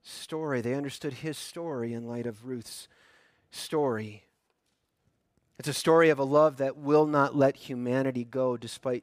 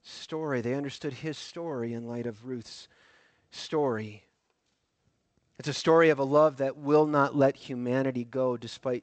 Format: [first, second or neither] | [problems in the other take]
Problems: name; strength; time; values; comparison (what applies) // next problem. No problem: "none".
first | garbled, watery; slightly; nothing above 8 kHz